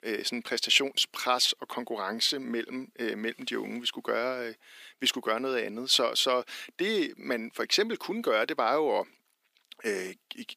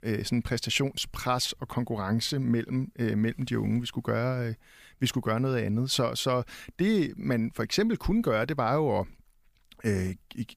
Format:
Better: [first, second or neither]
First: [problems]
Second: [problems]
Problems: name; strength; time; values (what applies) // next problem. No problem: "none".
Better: second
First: thin; somewhat; fading below 300 Hz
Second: none